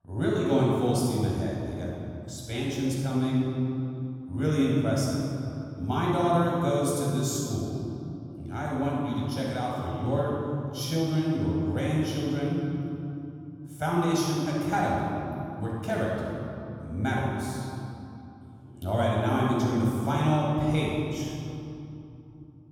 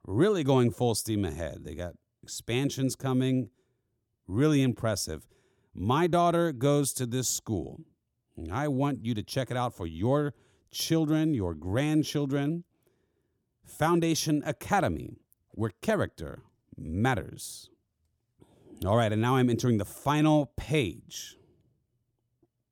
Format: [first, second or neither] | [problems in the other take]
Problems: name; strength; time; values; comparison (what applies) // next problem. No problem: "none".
second | room echo; strong; dies away in 2.8 s // off-mic speech; far